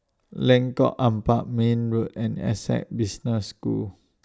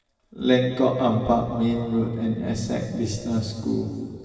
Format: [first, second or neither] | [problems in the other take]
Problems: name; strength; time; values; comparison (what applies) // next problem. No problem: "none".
first | room echo; dies away in 2.4 s